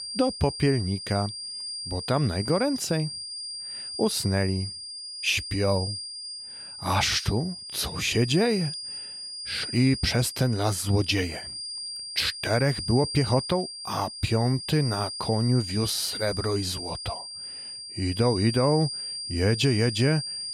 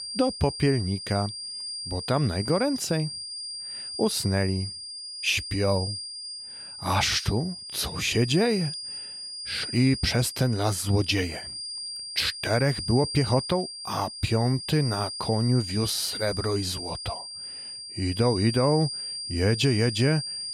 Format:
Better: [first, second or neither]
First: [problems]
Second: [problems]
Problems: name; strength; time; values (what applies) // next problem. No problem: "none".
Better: neither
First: high-pitched whine; loud; throughout; 5 kHz, 7 dB below the speech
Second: high-pitched whine; loud; throughout; 5 kHz, 7 dB below the speech